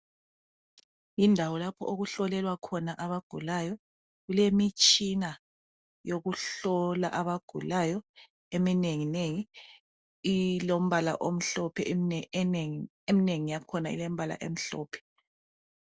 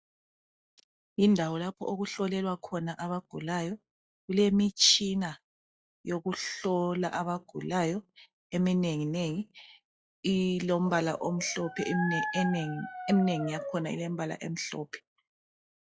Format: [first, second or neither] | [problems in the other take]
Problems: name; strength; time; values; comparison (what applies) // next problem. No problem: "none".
first | noise reduction (classical method log-MMSE)